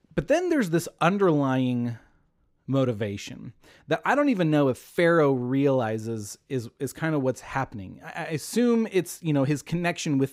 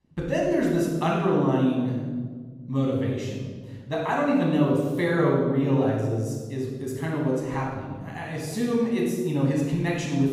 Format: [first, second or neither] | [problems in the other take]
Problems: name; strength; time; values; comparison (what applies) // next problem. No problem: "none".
first | room echo; noticeable; dies away in 1.5 s // off-mic speech; far